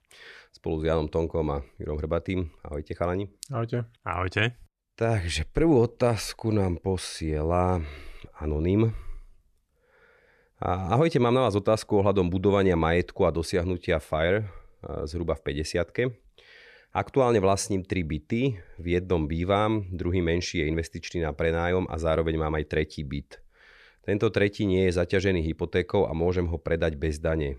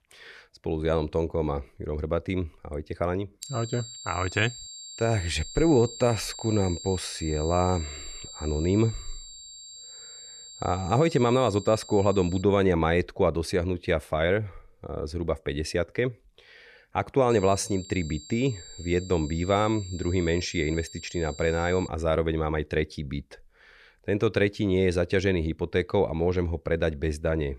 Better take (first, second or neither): first